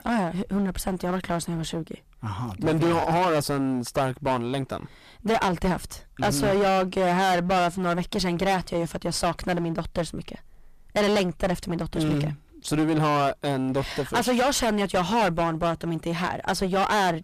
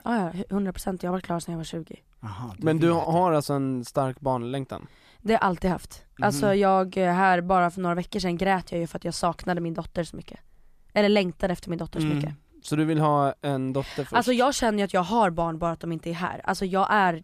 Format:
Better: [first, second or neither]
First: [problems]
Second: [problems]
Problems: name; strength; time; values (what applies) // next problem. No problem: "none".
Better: second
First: distortion; heavy; 18% of the sound clipped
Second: none